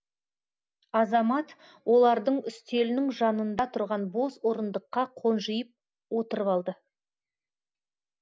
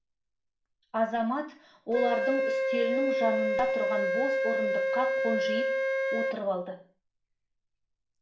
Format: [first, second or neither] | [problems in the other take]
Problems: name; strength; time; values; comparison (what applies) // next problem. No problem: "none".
first | background sound (Wind instrument, woodwind instrument); 3 dB above the speech // room echo; dies away in 0.4 s